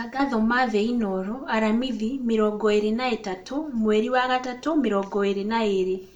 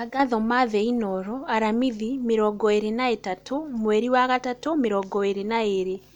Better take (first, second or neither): second